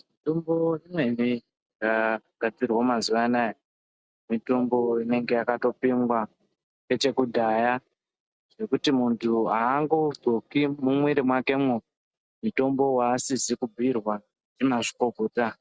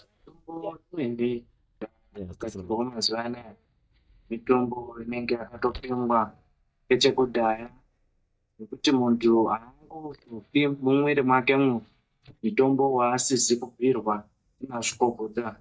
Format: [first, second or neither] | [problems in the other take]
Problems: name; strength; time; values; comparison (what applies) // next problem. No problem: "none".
first | noise reduction (neural mask model DeepFilterNet 3)